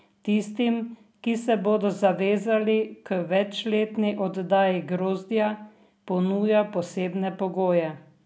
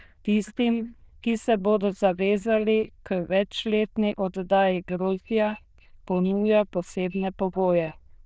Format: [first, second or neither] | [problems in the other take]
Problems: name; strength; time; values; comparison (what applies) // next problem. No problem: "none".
first | noise reduction (neural diffusion model UNIVERSE++)